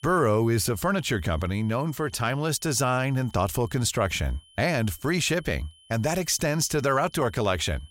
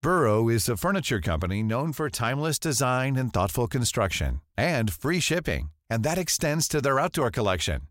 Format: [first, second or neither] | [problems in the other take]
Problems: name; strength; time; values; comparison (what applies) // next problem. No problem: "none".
second | high-pitched whine; faint; throughout; 3 kHz, 30 dB below the speech